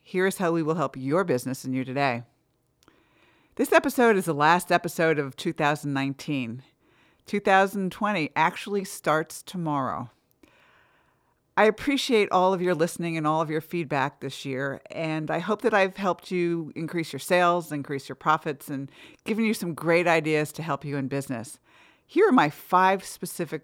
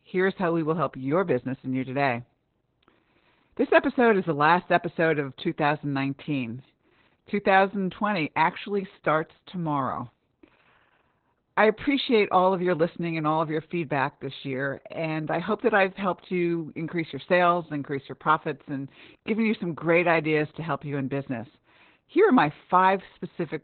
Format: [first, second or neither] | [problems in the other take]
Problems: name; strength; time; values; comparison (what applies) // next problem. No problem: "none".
first | garbled, watery; badly; nothing above 4 kHz